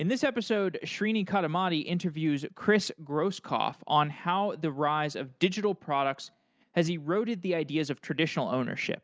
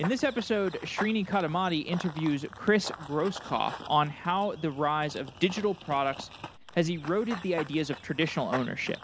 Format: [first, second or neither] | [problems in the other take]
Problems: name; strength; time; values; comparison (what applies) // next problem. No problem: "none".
first | background sound (Run / Bird vocalization, bird call, bird song); 14 dB below the speech